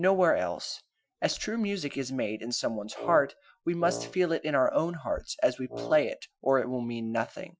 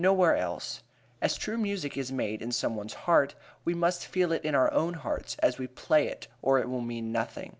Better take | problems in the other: second | noise reduction (classical method Wiener filter)

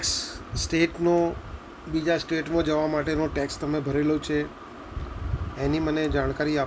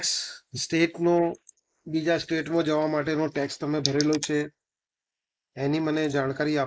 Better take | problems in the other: first | noise reduction (neural mask model Resemble Enhance denoiser)

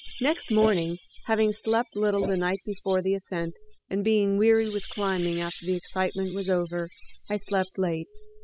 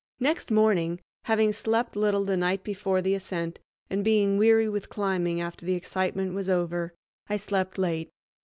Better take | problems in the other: second | noise reduction (classical method spectral subtraction)

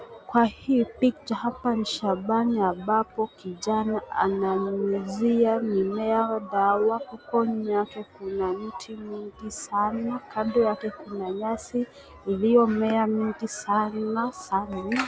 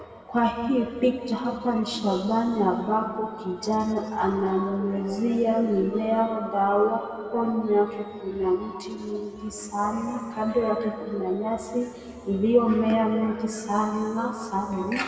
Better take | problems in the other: first | room echo; dies away in 2.2 s

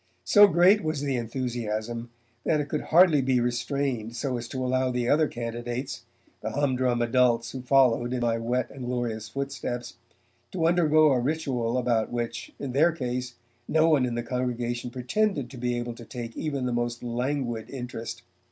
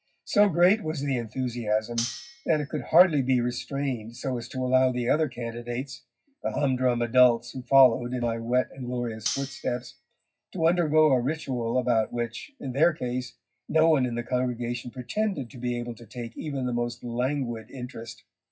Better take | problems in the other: first | noise reduction (classical method WPE with log-MMSE)

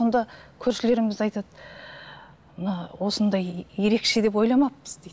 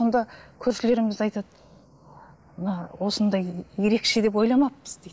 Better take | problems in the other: first | noise reduction (neural mask model Resemble Enhance denoiser)

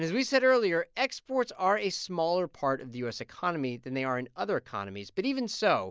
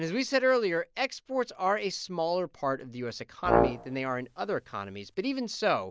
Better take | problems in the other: first | background sound (Brass instrument); as loud as the speech

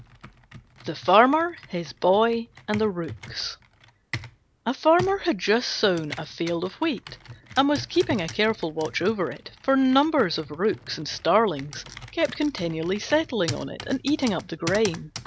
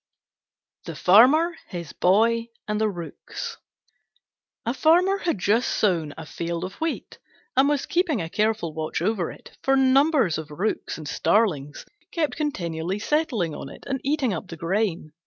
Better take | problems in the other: second | background sound (Computer keyboard); 15 dB below the speech

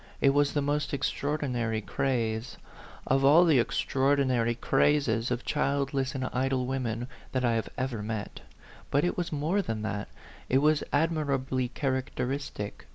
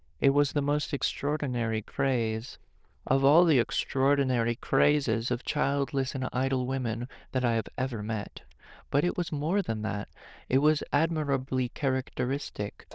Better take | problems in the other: first | noise reduction (neural diffusion model UNIVERSE++)

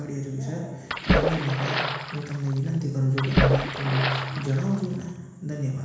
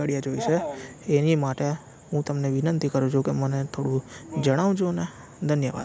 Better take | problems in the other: second | background sound (Splash, splatter); as loud as the speech // room echo; dies away in 1.1 s

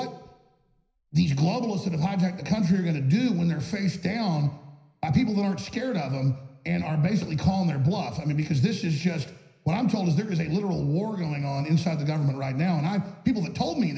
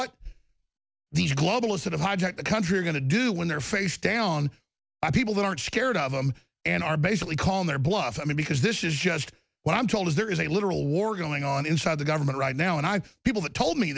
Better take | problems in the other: second | room echo; dies away in 0.9 s

